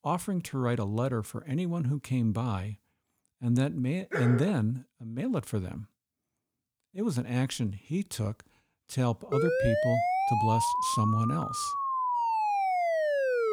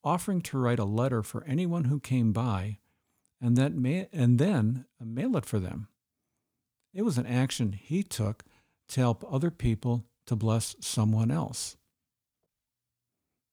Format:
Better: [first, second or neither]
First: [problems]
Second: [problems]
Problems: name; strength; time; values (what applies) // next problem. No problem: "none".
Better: second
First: dog barking; noticeable; at 4 s; peak 2 dB below the speech // siren; loud; from 9.5 s on; peak 4 dB above the speech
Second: none